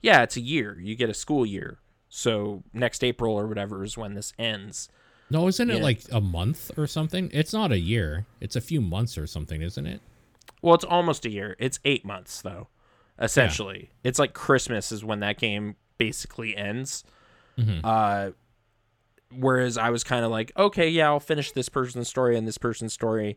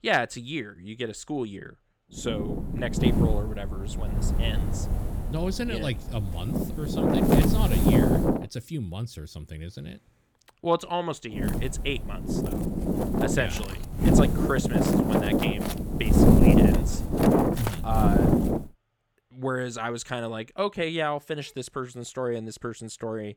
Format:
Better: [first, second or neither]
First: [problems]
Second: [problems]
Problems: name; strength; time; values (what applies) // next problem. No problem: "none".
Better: first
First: none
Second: wind noise on the microphone; heavy; from 2 to 8.5 s and from 11 to 19 s; 3 dB above the speech